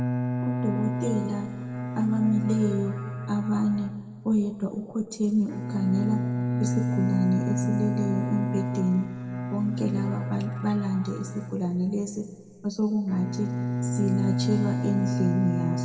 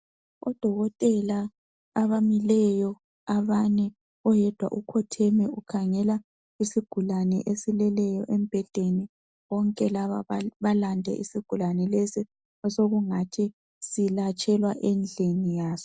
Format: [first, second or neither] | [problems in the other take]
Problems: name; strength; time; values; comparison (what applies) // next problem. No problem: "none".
second | background sound (Bowed string instrument); 2 dB below the speech // room echo; dies away in 1.9 s